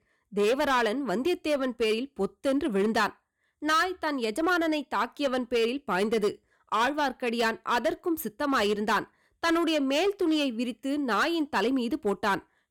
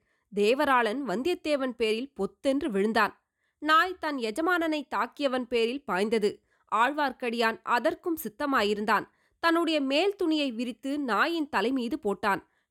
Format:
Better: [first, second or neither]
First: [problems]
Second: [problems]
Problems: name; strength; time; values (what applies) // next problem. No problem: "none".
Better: second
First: distortion; slight; 8% of the sound clipped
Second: none